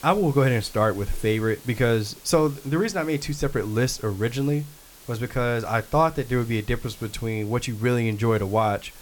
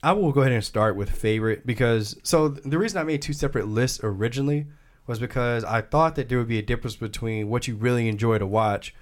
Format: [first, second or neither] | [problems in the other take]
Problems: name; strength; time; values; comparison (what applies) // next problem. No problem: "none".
second | hiss; faint; throughout; 20 dB below the speech